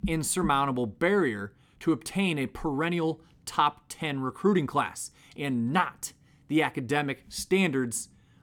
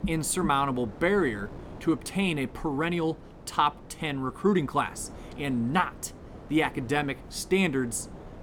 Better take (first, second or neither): first